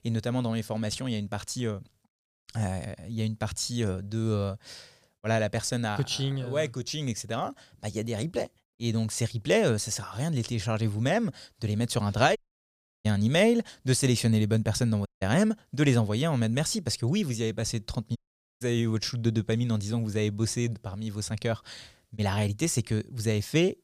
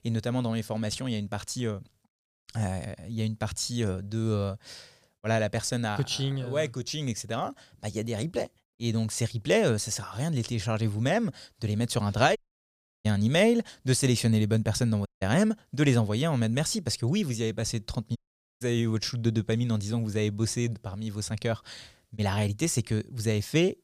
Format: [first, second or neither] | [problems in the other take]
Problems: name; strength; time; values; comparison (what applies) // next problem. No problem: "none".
neither | audio cutting out; at 12 s for 0.5 s, at 15 s and at 18 s; the same in both